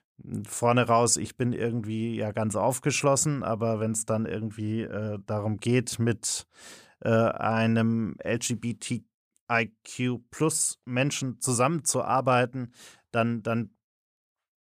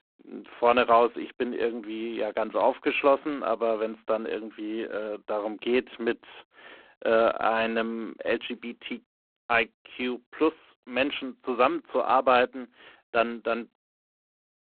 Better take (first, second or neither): first